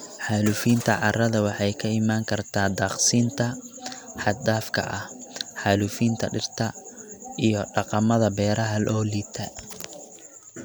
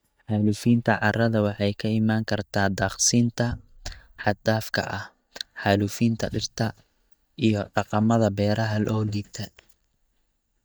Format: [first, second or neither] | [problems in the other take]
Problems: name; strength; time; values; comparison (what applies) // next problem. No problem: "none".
first | noise reduction (neural mask model DeepFilterNet 3)